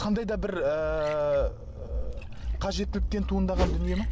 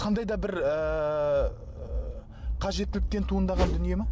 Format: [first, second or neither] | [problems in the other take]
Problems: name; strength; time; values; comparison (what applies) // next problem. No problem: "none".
second | background sound (Liquid); 15 dB below the speech